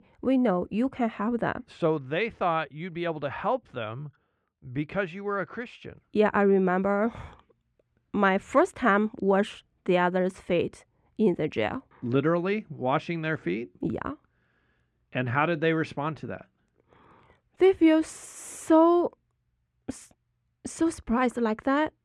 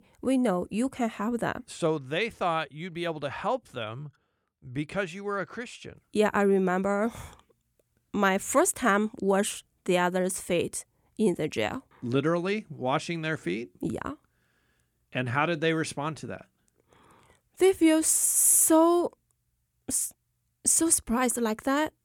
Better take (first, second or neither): second